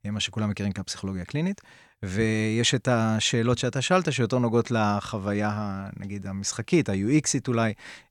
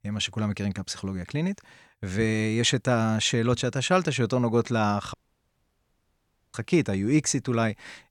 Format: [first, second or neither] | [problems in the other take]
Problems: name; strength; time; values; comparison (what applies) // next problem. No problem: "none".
first | audio cutting out; at 5 s for 1.5 s